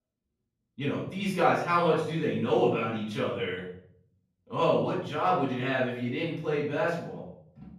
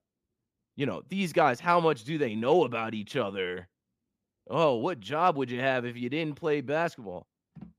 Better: second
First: off-mic speech; far // room echo; noticeable; dies away in 0.6 s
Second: none

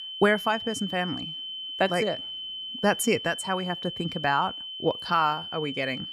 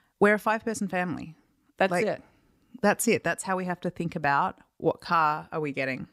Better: second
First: high-pitched whine; loud; throughout; 3 kHz, 7 dB below the speech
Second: none

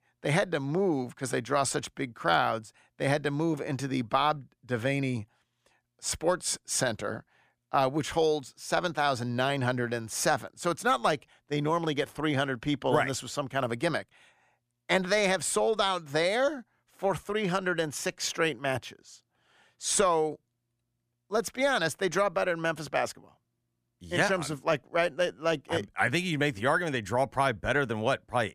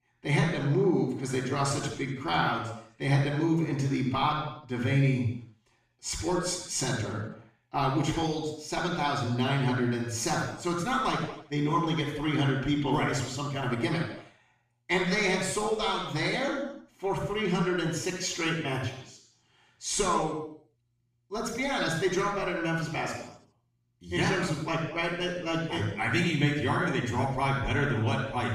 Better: first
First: none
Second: room echo; noticeable; dies away in 0.7 s // off-mic speech; far

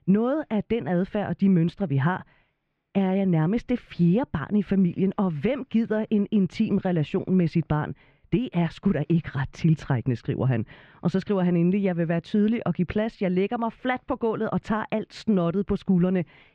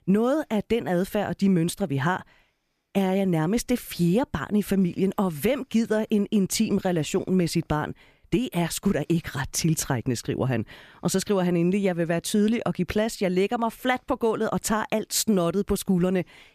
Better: second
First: muffled; very; fading above 3 kHz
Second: none

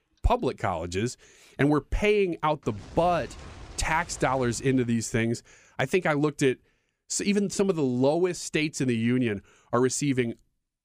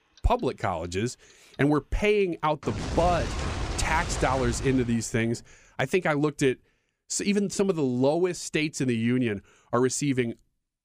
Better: first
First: household noises; faint; until 6.5 s; 20 dB below the speech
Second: household noises; loud; until 6.5 s; 7 dB below the speech

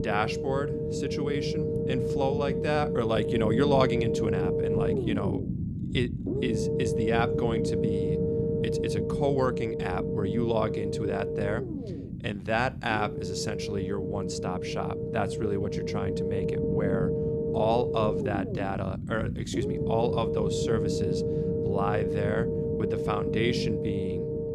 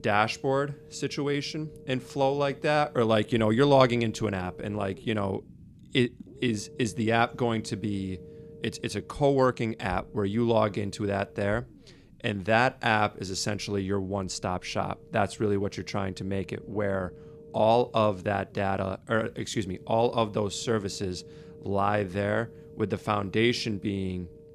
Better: second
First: low rumble; loud; throughout; as loud as the speech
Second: low rumble; faint; throughout; 25 dB below the speech

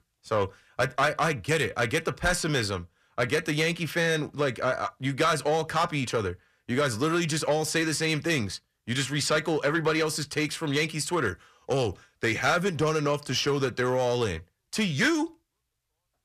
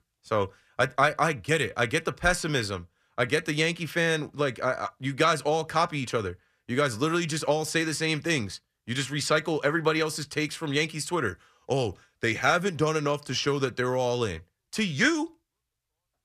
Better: second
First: distortion; slight; 10 dB below the speech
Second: none

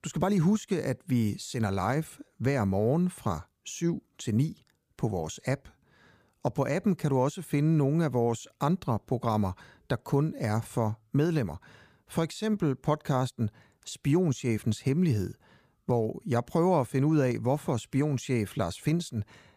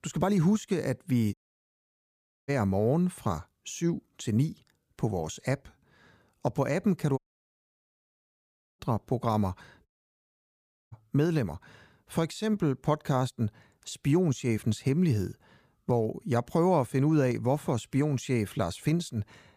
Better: first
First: none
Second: audio cutting out; at 1.5 s for 1 s, at 7 s for 1.5 s and at 10 s for 1 s

